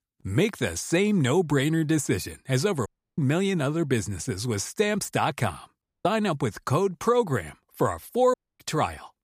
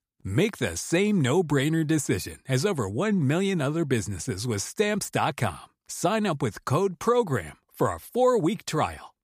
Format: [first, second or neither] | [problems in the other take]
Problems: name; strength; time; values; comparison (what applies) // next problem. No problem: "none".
second | audio cutting out; at 3 s, at 6 s and at 8.5 s